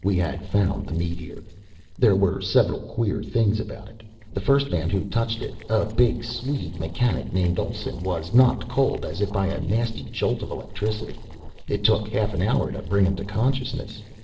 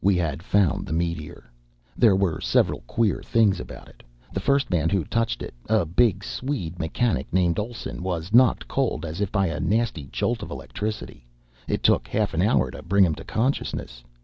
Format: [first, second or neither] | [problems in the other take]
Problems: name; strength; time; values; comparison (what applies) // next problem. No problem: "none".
second | noise reduction (neural separator model SepFormer DNS4)